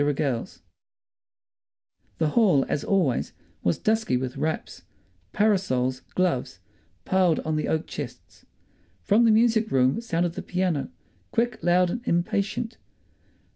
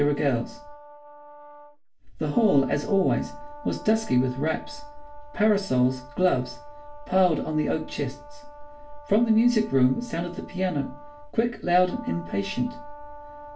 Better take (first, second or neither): first